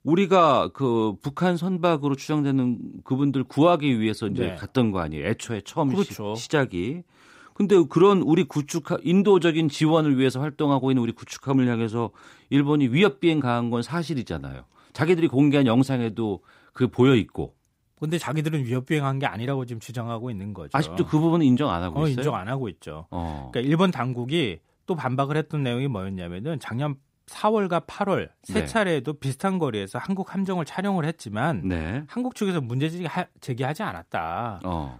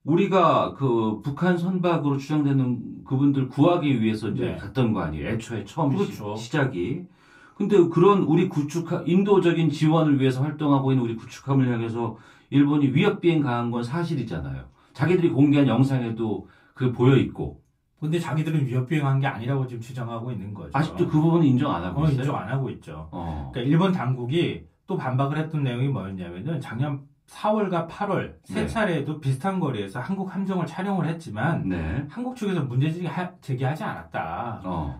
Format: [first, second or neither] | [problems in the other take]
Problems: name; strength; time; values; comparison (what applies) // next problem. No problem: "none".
first | off-mic speech; far // room echo; very slight; dies away in 0.2 s